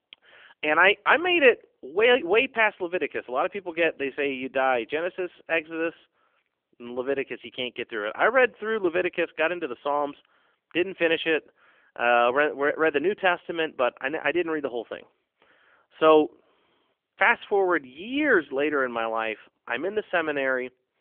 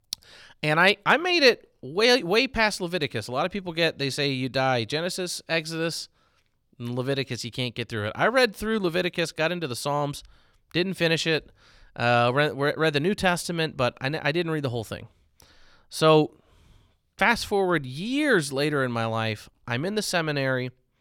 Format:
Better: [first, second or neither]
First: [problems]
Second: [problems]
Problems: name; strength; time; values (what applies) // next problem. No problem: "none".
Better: second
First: phone-call audio; nothing above 3 kHz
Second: none